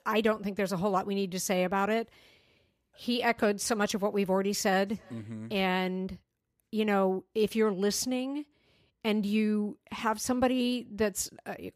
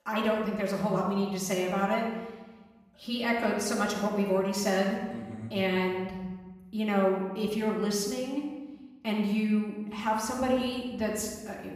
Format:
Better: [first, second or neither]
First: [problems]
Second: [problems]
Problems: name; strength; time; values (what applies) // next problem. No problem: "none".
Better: first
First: none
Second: off-mic speech; far // room echo; noticeable; dies away in 1 s